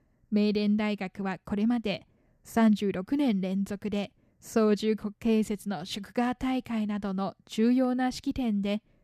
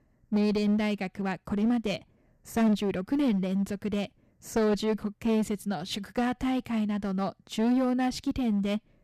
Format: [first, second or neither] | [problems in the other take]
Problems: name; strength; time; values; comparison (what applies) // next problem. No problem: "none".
first | distortion; slight; 9% of the sound clipped